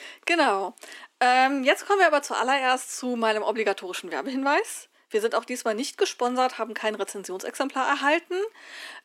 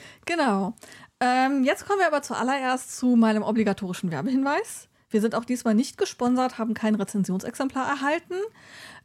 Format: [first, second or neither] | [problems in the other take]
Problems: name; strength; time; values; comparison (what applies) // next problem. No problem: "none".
second | thin; somewhat; fading below 300 Hz